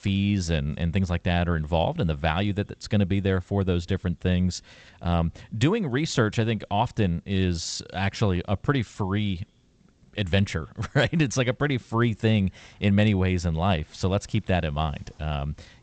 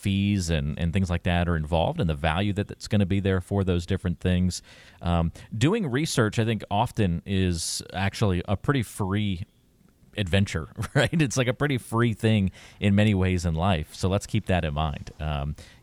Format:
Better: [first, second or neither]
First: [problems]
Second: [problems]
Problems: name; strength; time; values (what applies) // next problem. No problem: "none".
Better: second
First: garbled, watery; slightly; nothing above 8 kHz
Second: none